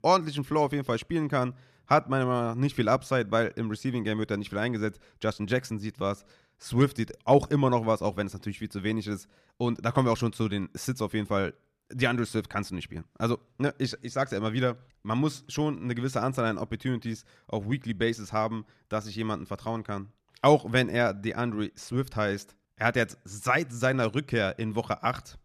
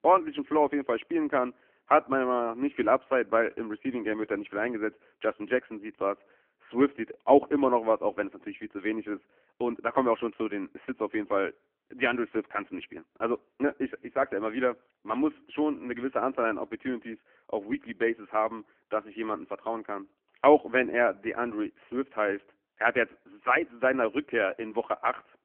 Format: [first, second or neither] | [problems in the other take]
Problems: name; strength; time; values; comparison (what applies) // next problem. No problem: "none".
first | phone-call audio; poor line